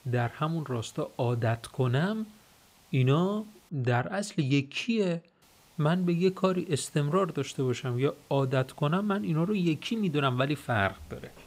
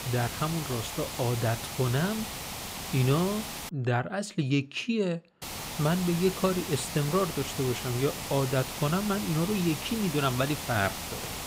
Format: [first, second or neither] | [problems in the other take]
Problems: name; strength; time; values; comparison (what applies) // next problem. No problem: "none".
first | hiss; loud; until 3.5 s and from 5.5 s on; 6 dB below the speech; faint in the first